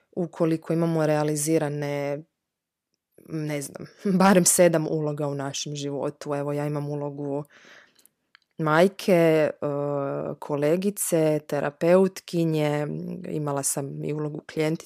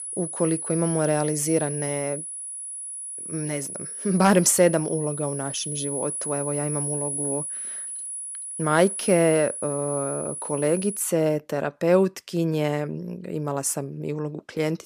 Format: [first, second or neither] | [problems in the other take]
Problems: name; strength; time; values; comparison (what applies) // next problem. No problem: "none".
first | high-pitched whine; loud; until 11 s; 10 kHz, 5 dB below the speech